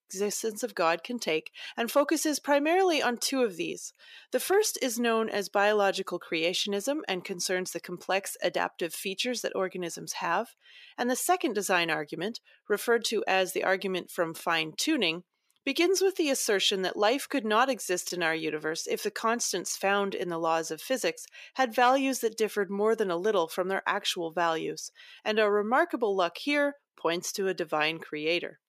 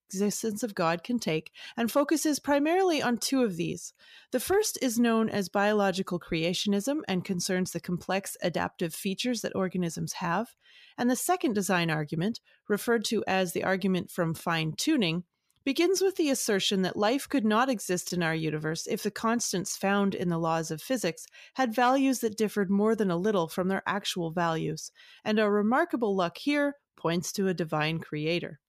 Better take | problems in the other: second | thin; somewhat; fading below 400 Hz

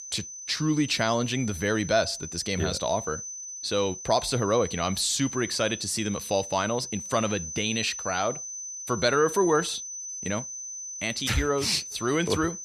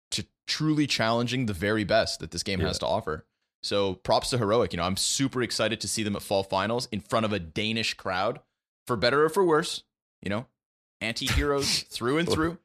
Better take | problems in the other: second | high-pitched whine; loud; throughout; 6 kHz, 9 dB below the speech

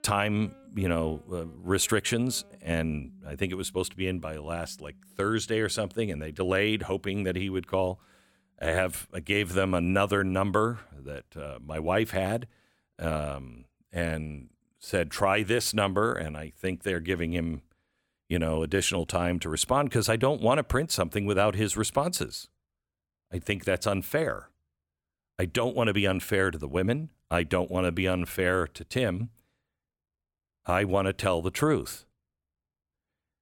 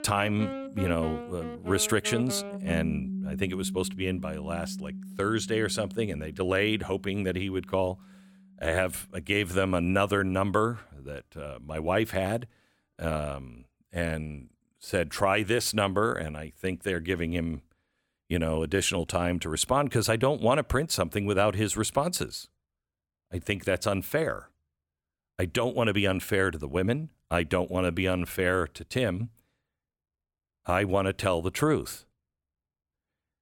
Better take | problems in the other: first | background music; loud; until 13 s; 10 dB below the speech; faint in the first

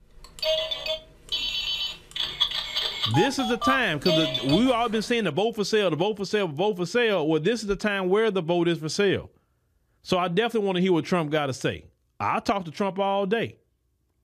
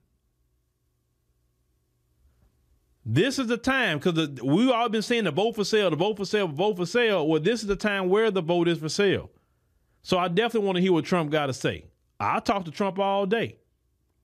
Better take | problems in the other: second | phone ringing; loud; until 4.5 s; peak 1 dB above the speech

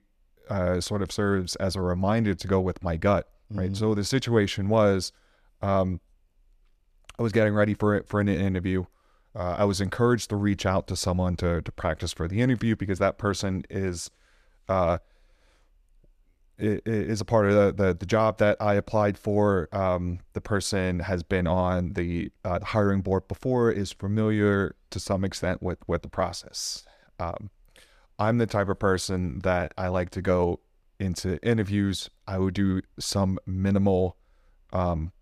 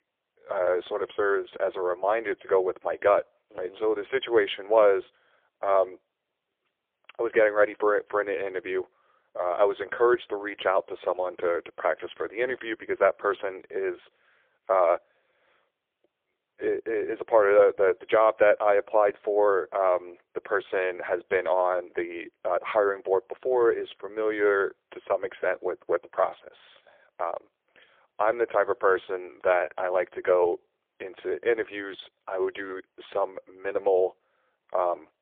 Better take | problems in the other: first | phone-call audio; poor line; nothing above 3.5 kHz

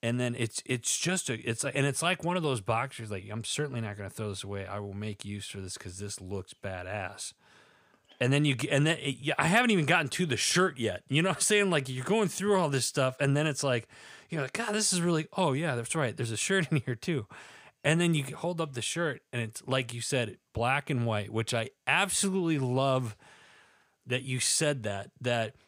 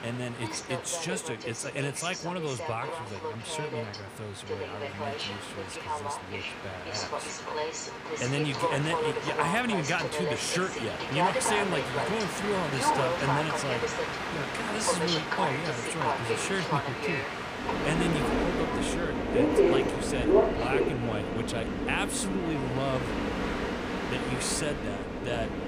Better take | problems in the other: first | train or aircraft noise; very loud; throughout; 3 dB above the speech

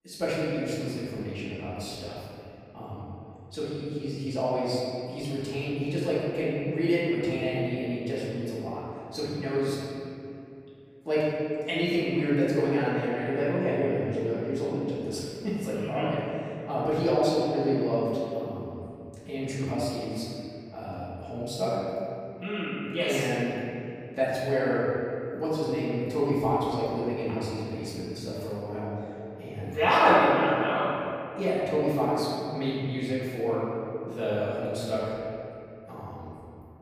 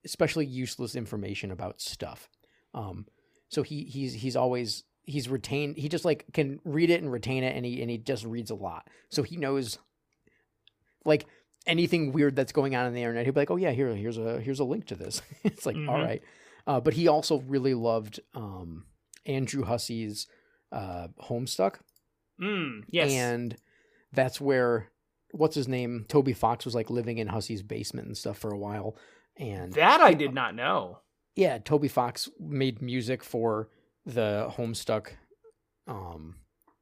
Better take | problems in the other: second | off-mic speech; far // room echo; strong; dies away in 2.5 s

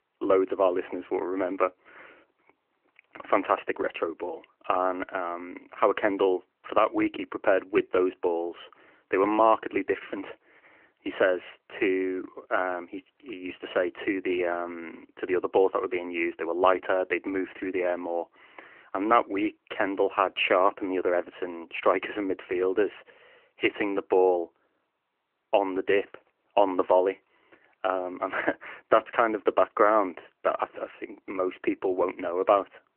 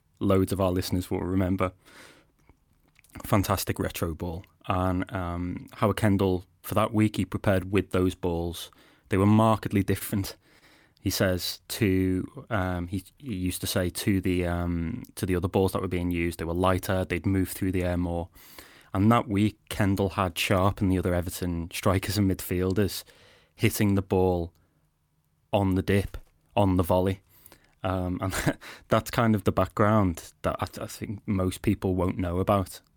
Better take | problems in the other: second | phone-call audio; nothing above 3 kHz

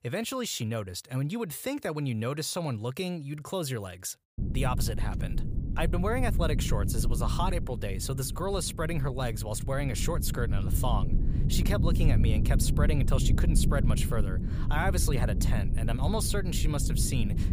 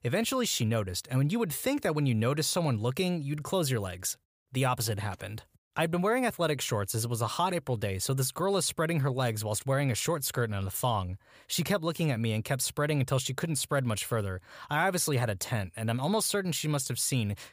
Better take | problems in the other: second | low rumble; loud; from 4.5 s on; 9 dB below the speech

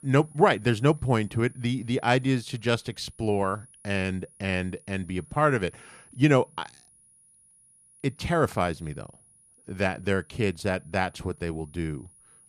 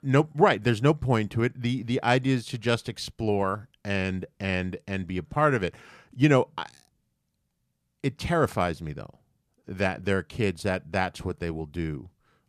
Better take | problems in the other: second | high-pitched whine; faint; throughout; 10.5 kHz, 25 dB below the speech

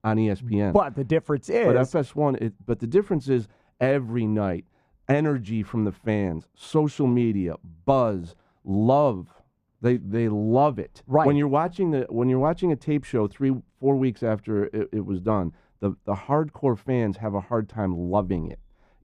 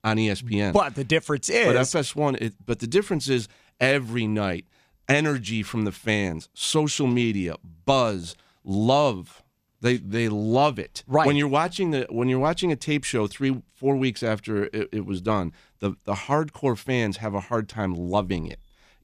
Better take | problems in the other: second | muffled; very; fading above 2 kHz

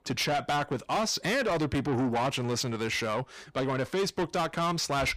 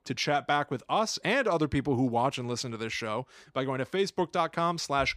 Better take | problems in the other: second | distortion; heavy; 7 dB below the speech

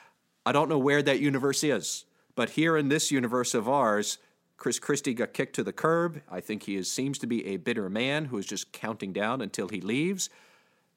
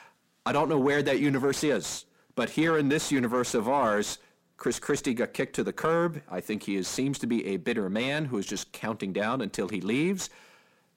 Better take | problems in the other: first | distortion; slight; 10 dB below the speech

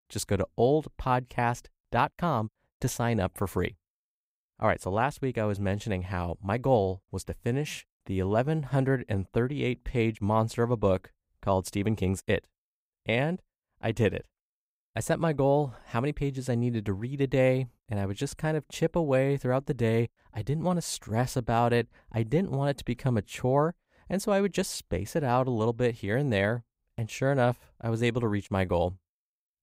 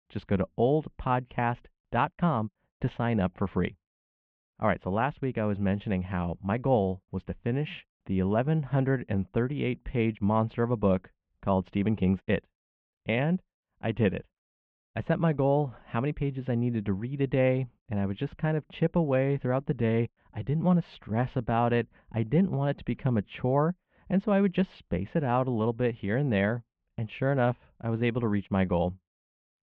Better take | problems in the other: first | muffled; very; fading above 3 kHz

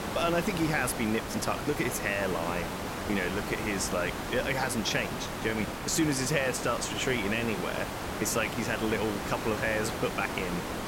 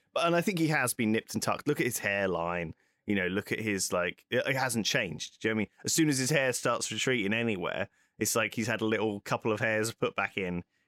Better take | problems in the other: second | hiss; loud; throughout; 4 dB below the speech

